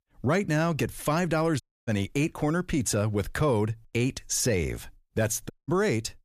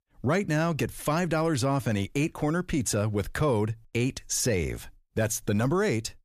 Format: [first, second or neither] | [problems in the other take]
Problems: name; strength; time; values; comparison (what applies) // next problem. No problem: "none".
second | audio cutting out; at 1.5 s and at 5.5 s